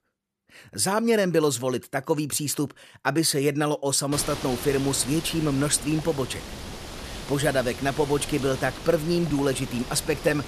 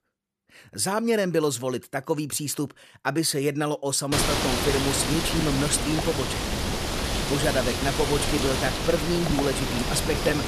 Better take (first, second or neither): first